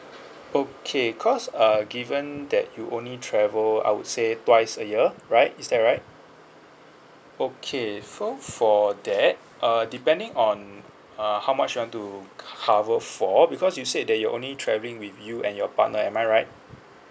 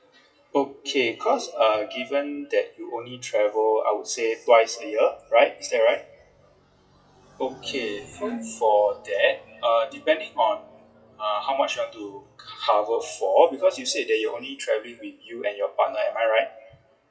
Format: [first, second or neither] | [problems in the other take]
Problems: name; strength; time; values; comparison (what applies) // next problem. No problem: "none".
first | noise reduction (classical method WPE with log-MMSE)